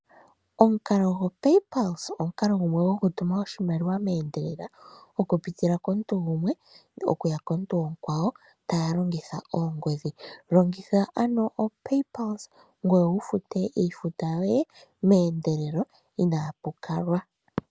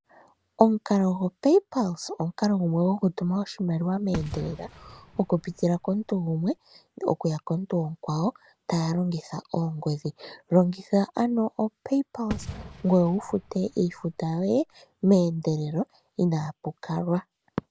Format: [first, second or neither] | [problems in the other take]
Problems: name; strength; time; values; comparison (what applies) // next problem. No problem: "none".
first | background sound (Fireworks); 14 dB below the speech